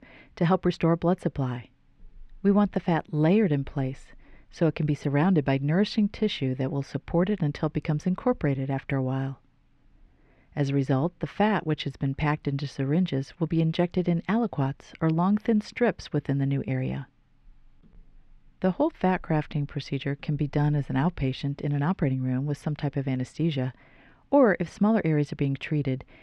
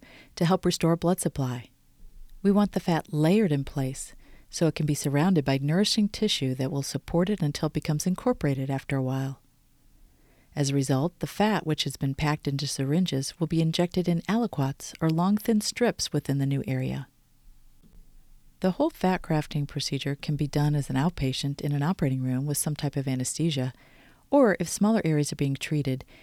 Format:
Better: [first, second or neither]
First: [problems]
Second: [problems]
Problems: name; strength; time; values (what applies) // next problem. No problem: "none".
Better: second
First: muffled; slightly; fading above 2 kHz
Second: none